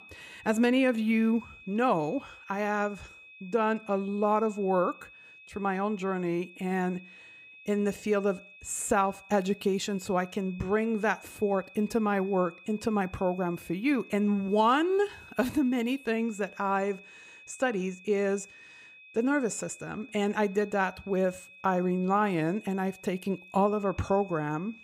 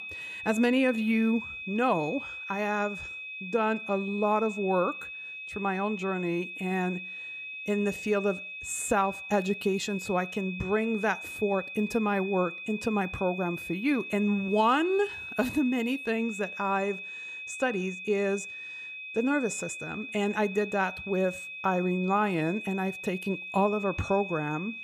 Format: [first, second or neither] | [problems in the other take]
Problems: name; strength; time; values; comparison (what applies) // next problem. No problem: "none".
first | high-pitched whine; loud; throughout; 2.5 kHz, 8 dB below the speech; faint in the first